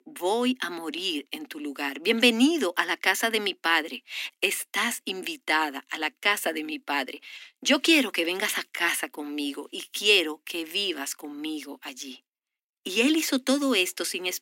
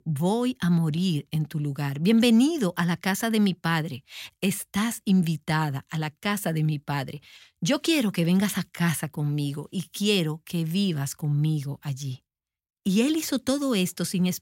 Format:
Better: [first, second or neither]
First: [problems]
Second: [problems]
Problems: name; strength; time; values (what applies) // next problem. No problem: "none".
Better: second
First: thin; somewhat; fading below 250 Hz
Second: none